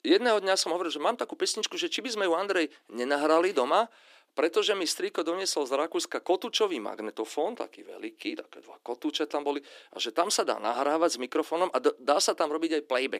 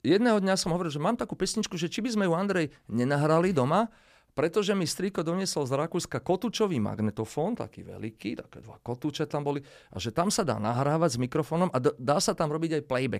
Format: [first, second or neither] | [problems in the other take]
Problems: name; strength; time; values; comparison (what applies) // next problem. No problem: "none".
second | thin; somewhat; fading below 300 Hz